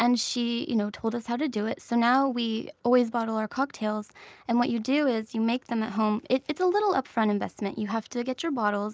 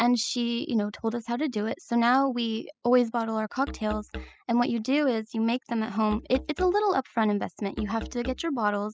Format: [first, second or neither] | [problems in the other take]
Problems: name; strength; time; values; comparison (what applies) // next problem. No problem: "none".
first | noise reduction (classical method spectral subtraction)